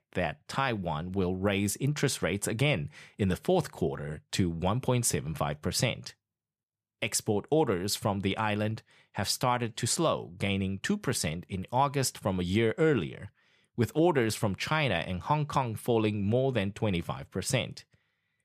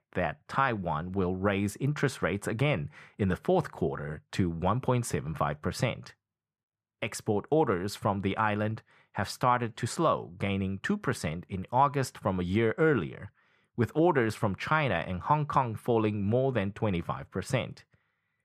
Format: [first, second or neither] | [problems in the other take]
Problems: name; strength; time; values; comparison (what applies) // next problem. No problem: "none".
first | muffled; slightly; fading above 2.5 kHz